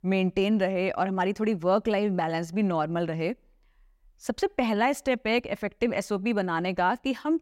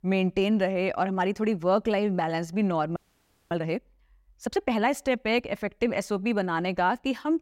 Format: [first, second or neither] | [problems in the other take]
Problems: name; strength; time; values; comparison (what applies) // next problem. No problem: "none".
first | audio freezing; at 3 s for 0.5 s